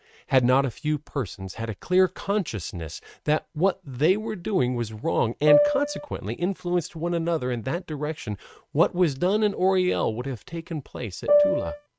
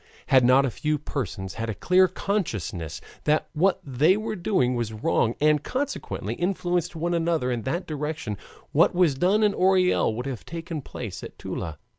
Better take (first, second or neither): second